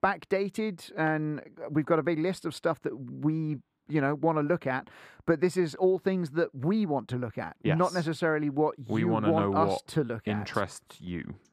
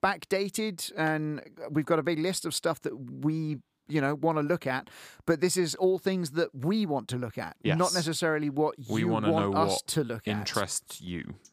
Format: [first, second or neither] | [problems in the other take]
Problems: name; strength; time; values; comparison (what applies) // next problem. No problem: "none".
second | muffled; slightly; fading above 3.5 kHz